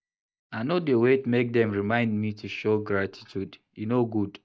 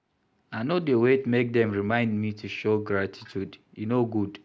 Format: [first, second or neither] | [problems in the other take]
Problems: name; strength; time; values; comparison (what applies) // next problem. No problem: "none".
second | noise reduction (neural mask model DeepFilterNet 3)